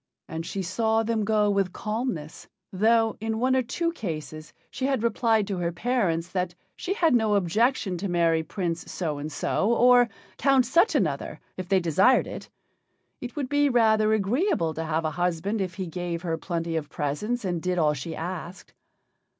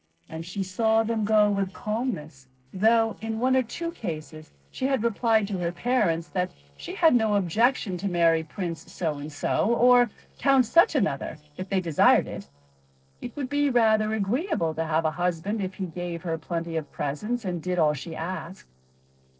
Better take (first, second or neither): first